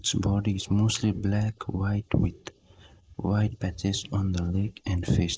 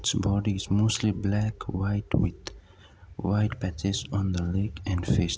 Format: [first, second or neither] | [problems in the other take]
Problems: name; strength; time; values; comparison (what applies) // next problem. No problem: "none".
second | noise reduction (neural mask model Resemble Enhance denoiser)